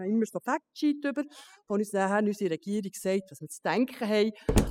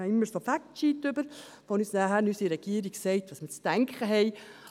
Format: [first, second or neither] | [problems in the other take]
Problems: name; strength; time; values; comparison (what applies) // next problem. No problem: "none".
second | noise reduction (classical method spectral subtraction)